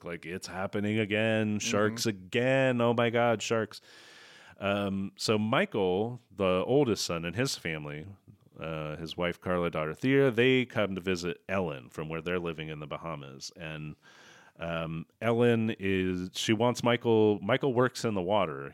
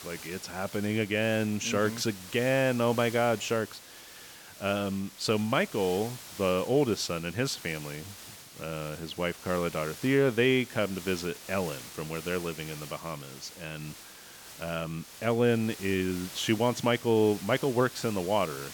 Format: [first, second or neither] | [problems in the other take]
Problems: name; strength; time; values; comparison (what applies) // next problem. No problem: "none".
first | hiss; noticeable; throughout; 15 dB below the speech